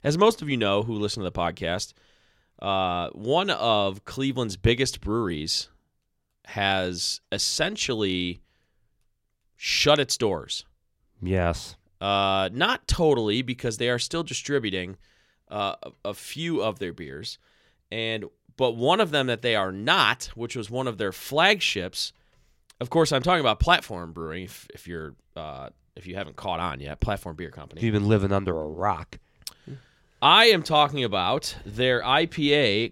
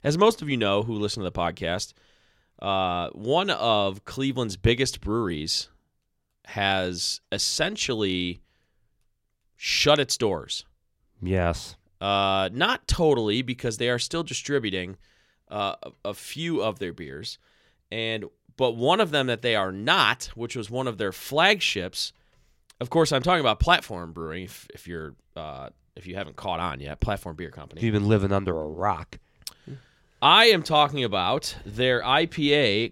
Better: neither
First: none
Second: none

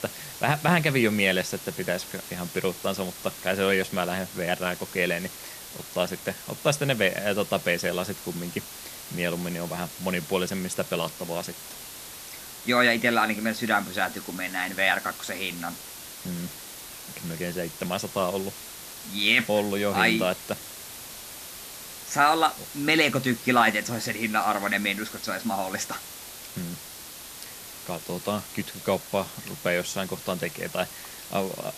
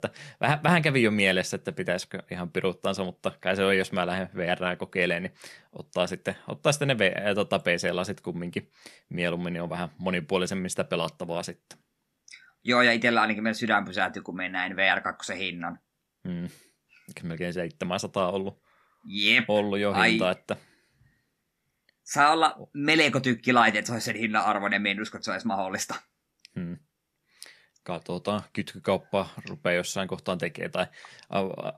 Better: second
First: hiss; noticeable; throughout; 10 dB below the speech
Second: none

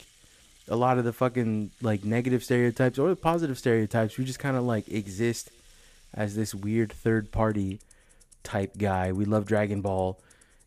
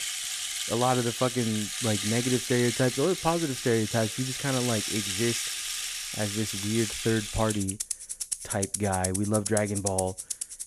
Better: first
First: background music; faint; throughout; 30 dB below the speech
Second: background music; loud; throughout; 2 dB below the speech

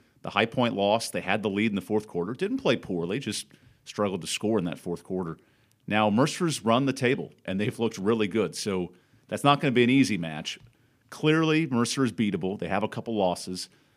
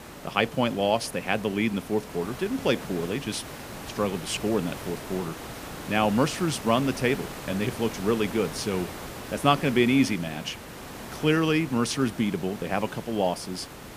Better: first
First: none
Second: hiss; noticeable; throughout; 10 dB below the speech

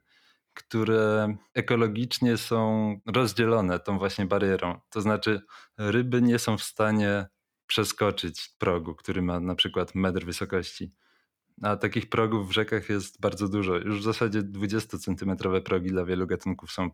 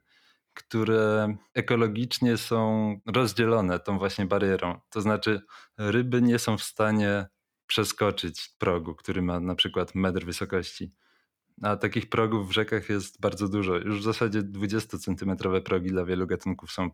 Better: neither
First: none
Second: none

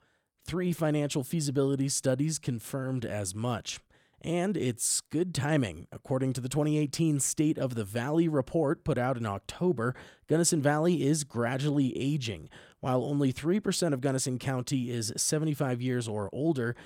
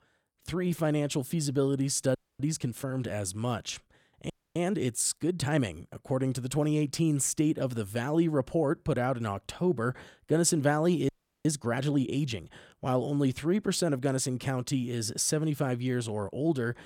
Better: first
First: none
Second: audio freezing; at 2 s, at 4.5 s and at 11 s

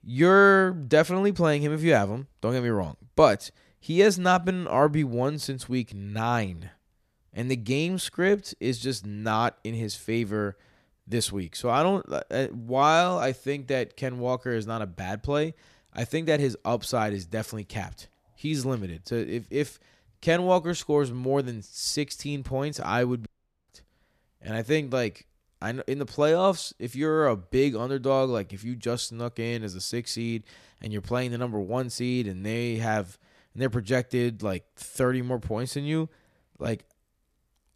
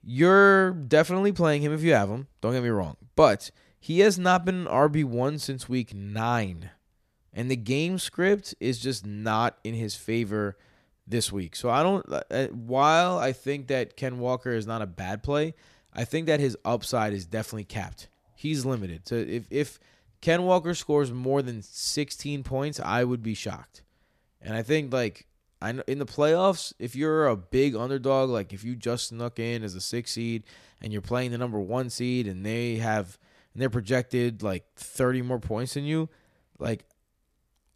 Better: second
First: audio cutting out; at 23 s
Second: none

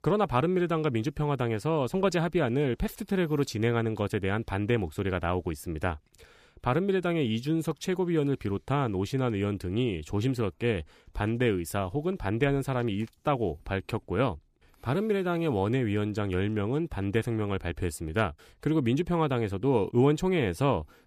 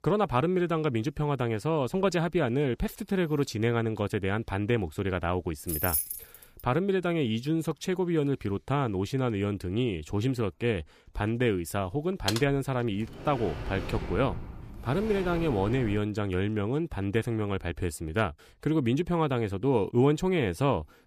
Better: first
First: none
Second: jangling keys; loud; at 5.5 s; peak 1 dB above the speech // keyboard typing; noticeable; at 12 s; peak 4 dB below the speech // door banging; noticeable; from 13 to 16 s; peak 8 dB below the speech

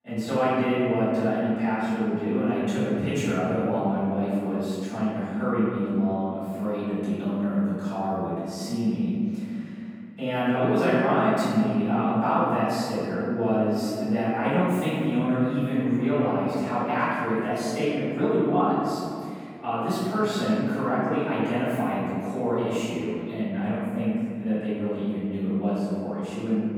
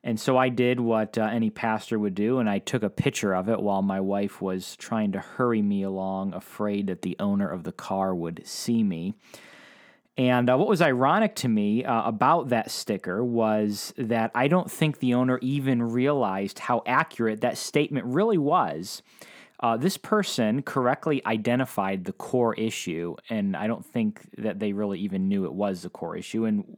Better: second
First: room echo; strong; dies away in 2.4 s // off-mic speech; far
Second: none

